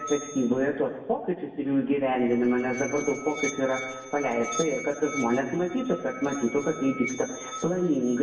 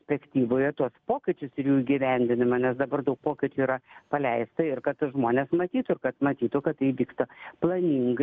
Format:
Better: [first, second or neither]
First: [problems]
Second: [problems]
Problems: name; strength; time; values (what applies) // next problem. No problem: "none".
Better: second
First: background sound (Musical instrument); 12 dB below the speech // room echo; dies away in 1.1 s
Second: none